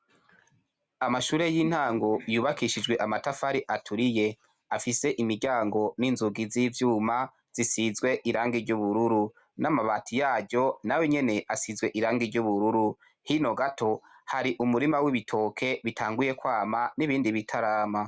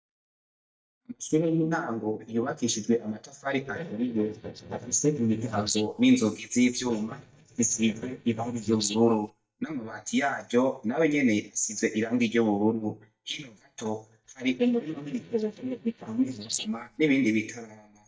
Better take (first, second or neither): first